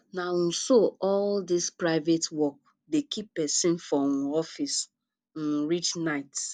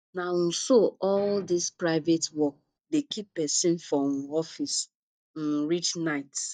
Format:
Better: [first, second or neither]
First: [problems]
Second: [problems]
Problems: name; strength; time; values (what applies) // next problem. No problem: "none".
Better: first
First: none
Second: noise reduction (neural mask model DeepFilterNet 3)